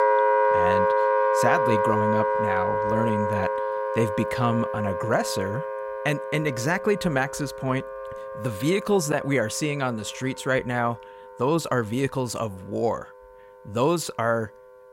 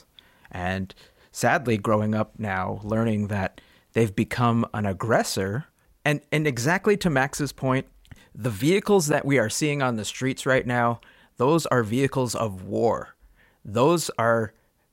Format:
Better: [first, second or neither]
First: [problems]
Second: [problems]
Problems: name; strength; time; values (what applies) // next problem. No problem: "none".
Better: second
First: background music; very loud; throughout; 1 dB above the speech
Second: none